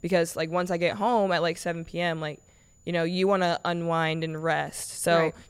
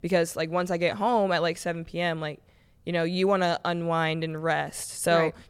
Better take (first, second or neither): second